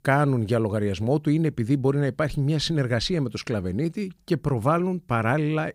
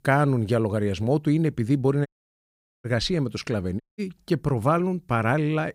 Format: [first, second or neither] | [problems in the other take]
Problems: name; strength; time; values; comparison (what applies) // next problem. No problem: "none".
first | audio cutting out; at 2 s for 1 s and at 4 s